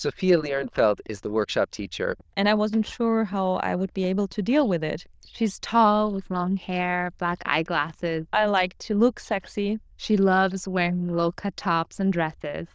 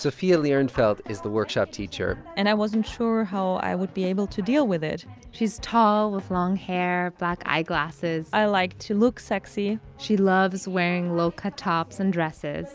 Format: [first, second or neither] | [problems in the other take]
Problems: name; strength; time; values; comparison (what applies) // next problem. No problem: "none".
second | noise reduction (neural diffusion model UNIVERSE++)